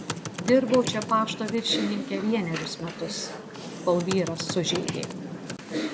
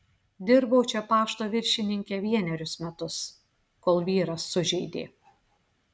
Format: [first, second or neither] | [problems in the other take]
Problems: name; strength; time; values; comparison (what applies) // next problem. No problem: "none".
second | background sound (Computer keyboard); 6 dB below the speech